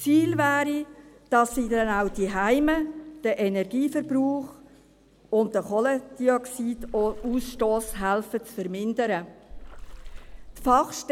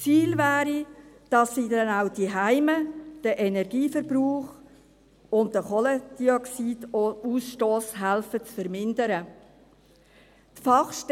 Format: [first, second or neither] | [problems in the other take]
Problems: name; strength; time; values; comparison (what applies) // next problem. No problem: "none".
second | background sound (Water / Splash, splatter); 12 dB below the speech